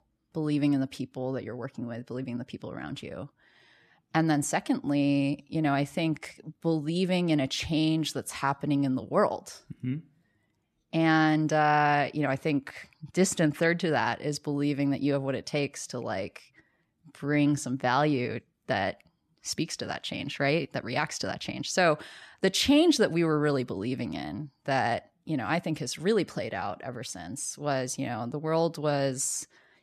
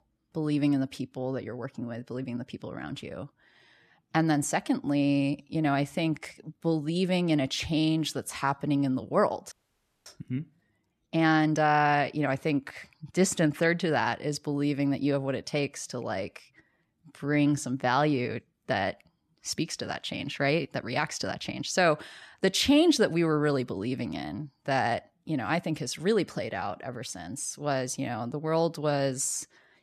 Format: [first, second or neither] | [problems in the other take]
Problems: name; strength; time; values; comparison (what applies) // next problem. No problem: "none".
first | audio freezing; at 9.5 s for 0.5 s